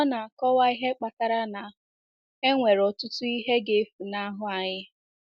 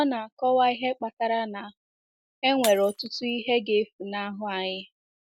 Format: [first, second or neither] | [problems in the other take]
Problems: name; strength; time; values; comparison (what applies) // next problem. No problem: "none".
first | background sound (Shatter); 17 dB below the speech